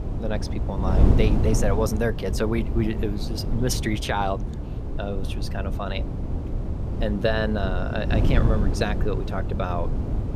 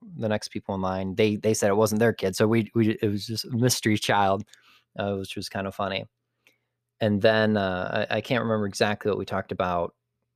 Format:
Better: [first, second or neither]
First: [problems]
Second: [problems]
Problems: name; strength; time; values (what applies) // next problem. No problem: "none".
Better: second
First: wind noise on the microphone; heavy; 7 dB below the speech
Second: none